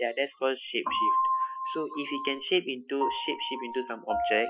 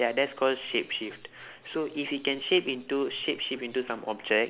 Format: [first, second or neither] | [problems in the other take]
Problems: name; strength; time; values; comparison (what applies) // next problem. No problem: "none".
second | noise reduction (classical method Wiener filter)